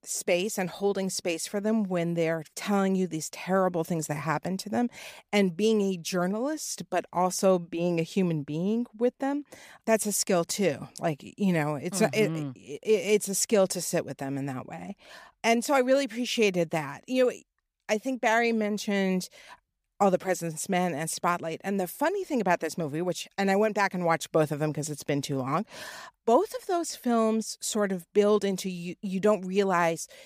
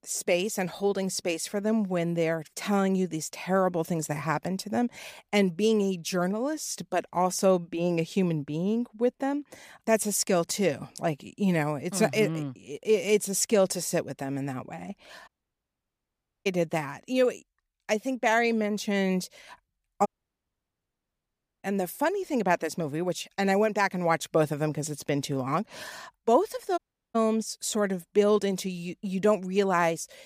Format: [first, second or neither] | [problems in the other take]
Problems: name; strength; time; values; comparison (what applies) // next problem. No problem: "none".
first | audio cutting out; at 15 s for 1 s, at 20 s for 1.5 s and at 27 s